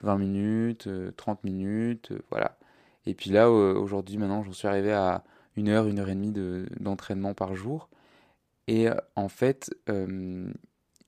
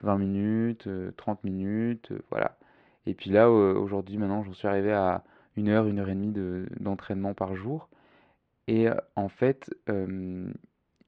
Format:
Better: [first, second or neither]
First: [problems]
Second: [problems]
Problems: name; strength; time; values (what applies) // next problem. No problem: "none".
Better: first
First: none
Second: muffled; slightly; fading above 3 kHz